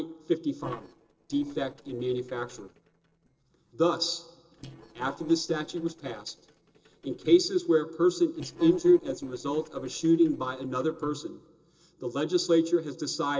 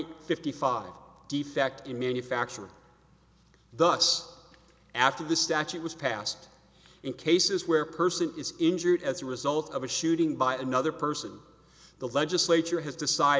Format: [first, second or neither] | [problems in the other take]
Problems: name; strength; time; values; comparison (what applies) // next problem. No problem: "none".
second | noise reduction (neural separator model SepFormer DNS4)